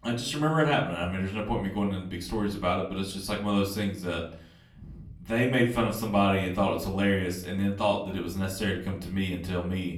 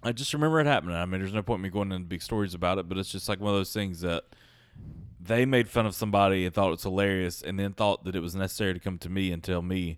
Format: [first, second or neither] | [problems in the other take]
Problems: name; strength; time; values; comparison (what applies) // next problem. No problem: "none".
second | off-mic speech; far // room echo; slight; dies away in 0.4 s